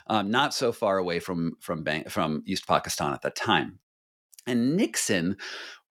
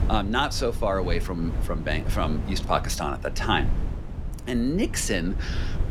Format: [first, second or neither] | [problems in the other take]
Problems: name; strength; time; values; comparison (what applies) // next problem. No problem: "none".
first | wind noise on the microphone; occasional gusts; 15 dB below the speech